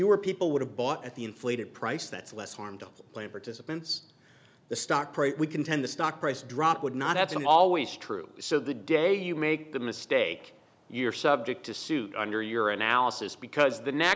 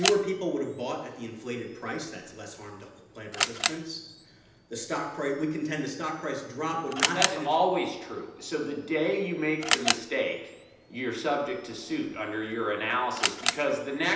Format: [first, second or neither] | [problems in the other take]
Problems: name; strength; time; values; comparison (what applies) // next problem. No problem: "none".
first | background sound (Camera); 4 dB below the speech // room echo; dies away in 0.9 s